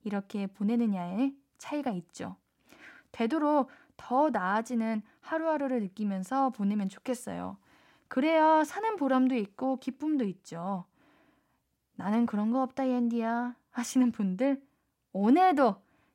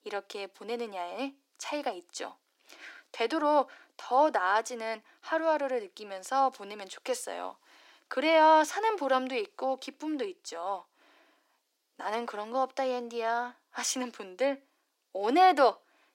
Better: first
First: none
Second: thin; very; fading below 350 Hz

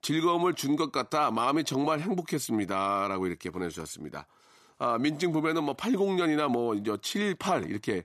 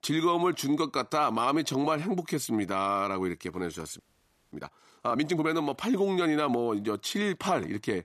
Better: first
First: none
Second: audio freezing; at 4 s for 0.5 s

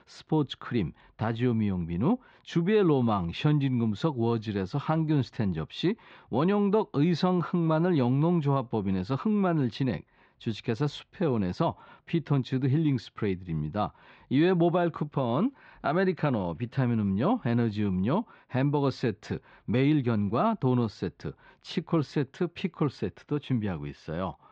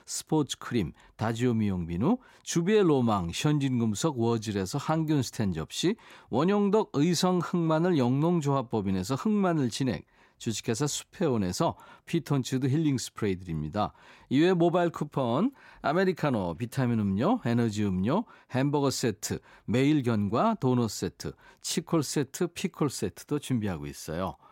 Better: second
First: muffled; slightly; fading above 4 kHz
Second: none

